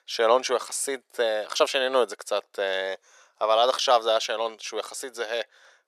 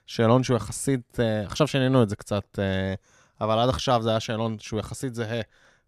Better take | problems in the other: second | thin; very; fading below 450 Hz

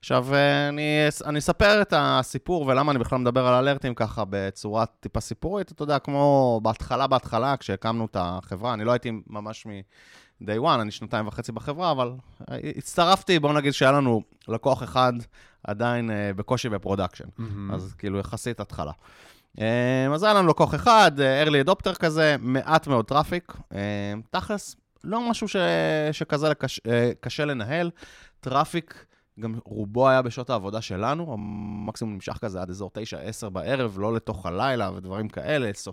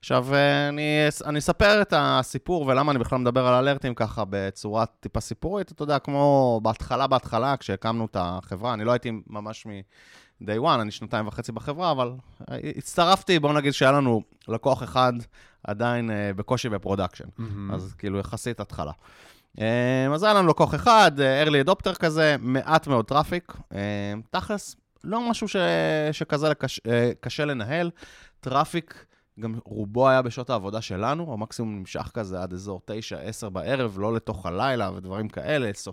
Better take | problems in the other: second | audio freezing; at 31 s

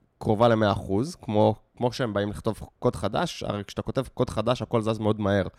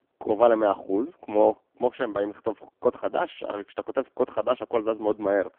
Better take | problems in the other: first | phone-call audio; poor line

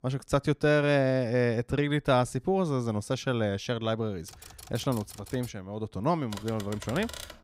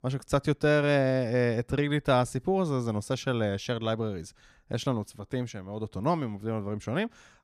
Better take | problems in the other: second | keyboard typing; faint; from 4.5 to 5.5 s and from 6.5 s on; peak 10 dB below the speech

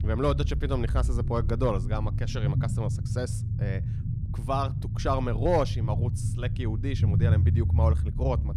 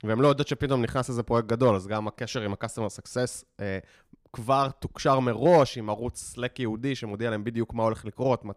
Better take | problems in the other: second | low rumble; loud; throughout; 9 dB below the speech

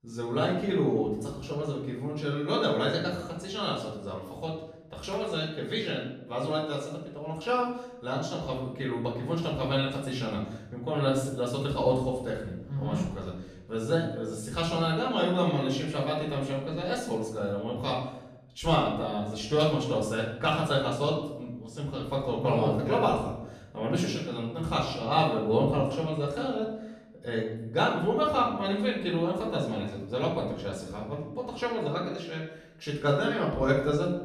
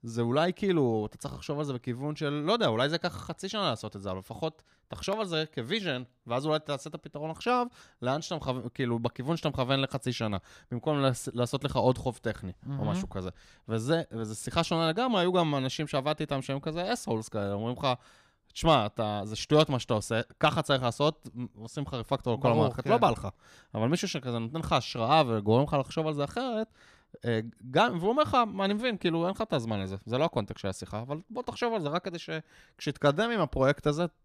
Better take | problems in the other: second | off-mic speech; far // room echo; noticeable; dies away in 0.7 s

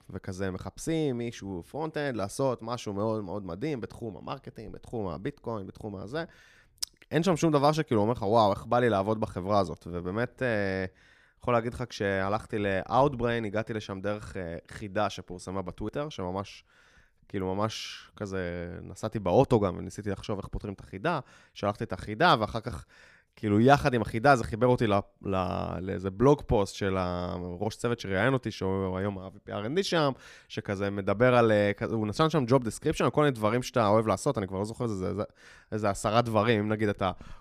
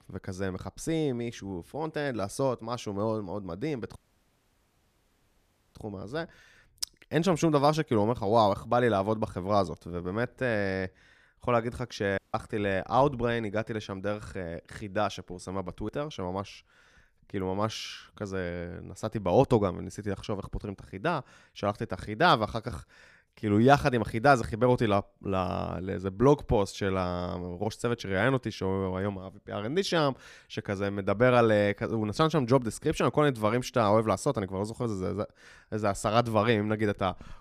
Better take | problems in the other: first | audio cutting out; at 4 s for 2 s and at 12 s

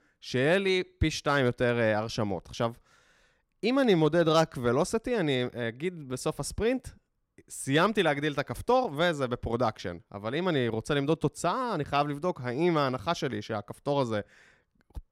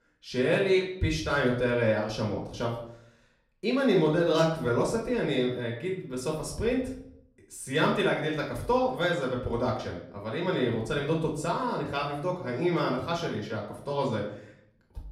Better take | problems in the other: first | off-mic speech; far // room echo; slight; dies away in 0.5 s

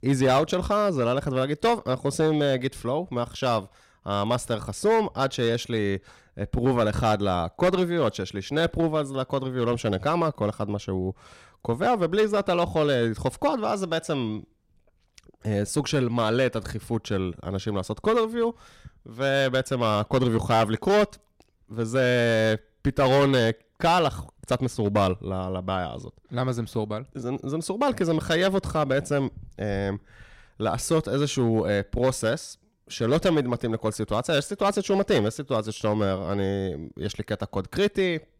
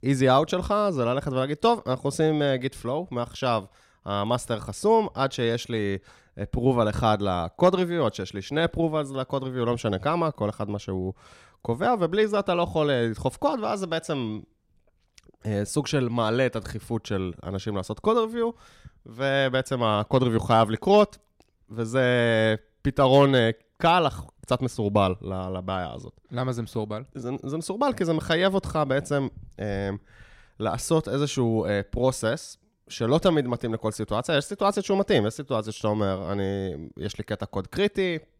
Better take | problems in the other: second | distortion; slight; 4% of the sound clipped

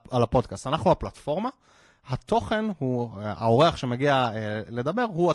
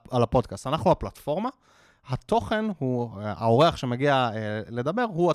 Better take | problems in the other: second | garbled, watery; slightly; nothing above 10.5 kHz

